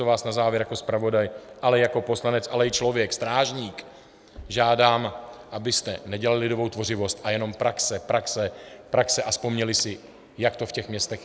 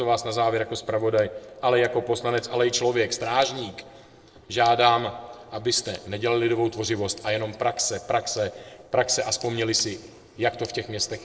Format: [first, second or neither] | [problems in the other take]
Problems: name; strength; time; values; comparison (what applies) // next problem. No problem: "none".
first | noise reduction (neural separator model SepFormer DNS4)